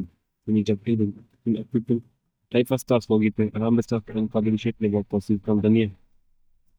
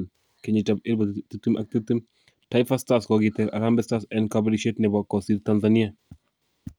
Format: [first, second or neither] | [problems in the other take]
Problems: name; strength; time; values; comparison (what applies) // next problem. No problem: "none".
second | noise reduction (neural mask model DeepFilterNet 3)